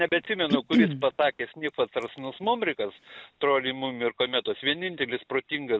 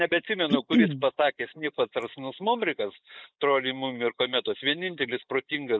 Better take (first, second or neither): first